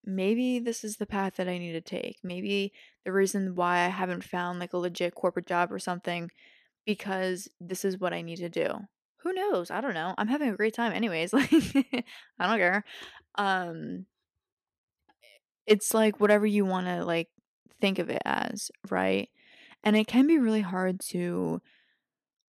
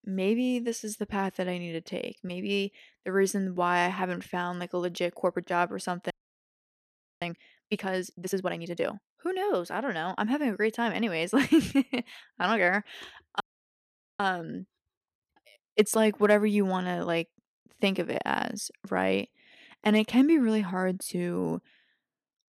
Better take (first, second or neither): first